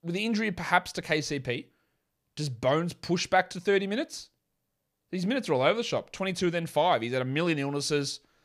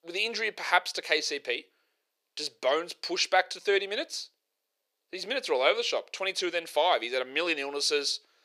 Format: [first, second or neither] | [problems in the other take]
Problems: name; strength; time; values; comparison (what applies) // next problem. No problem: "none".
first | thin; very; fading below 400 Hz